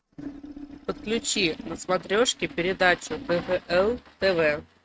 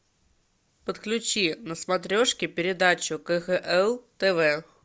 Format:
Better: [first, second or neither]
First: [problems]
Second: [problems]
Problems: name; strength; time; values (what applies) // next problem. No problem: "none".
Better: second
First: noise reduction (neural mask model RNNoise)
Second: none